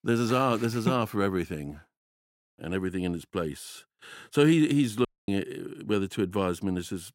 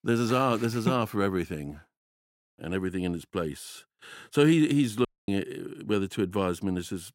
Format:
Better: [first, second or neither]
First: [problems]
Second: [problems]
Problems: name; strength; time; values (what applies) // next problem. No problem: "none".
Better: neither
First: audio cutting out; at 5 s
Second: audio cutting out; at 5 s